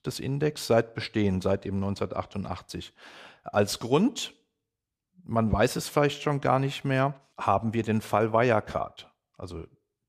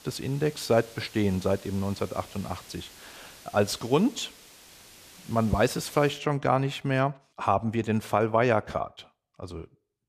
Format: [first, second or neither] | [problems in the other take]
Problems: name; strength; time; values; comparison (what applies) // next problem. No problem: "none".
first | hiss; faint; until 6 s; 20 dB below the speech